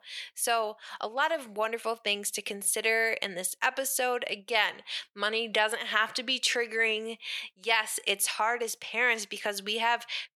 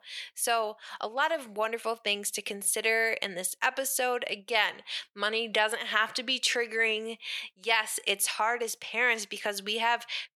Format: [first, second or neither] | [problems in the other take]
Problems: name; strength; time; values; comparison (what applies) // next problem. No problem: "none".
neither | thin; somewhat; fading below 500 Hz; the same in both